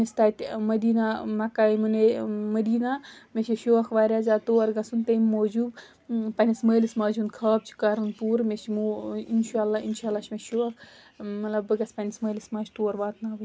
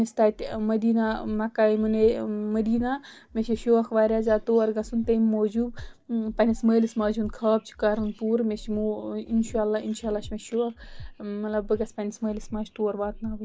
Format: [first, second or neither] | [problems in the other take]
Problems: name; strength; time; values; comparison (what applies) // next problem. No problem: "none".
first | noise reduction (neural mask model DeepFilterNet 3)